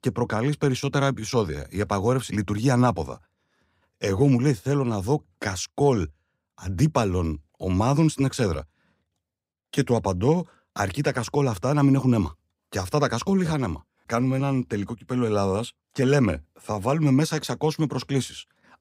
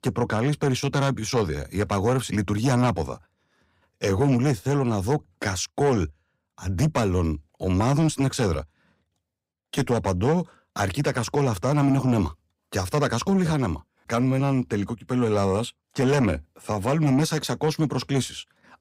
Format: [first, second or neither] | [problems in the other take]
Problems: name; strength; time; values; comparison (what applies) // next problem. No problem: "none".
first | distortion; slight; 10 dB below the speech